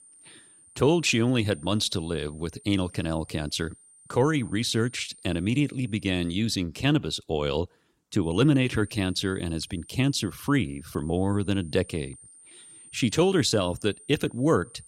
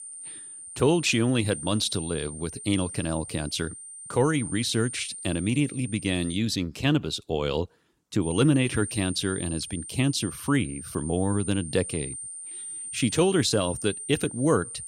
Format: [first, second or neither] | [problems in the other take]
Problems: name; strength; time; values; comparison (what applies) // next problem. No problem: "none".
first | high-pitched whine; loud; until 6.5 s and from 8 s on; 9 kHz, 10 dB below the speech; faint in the first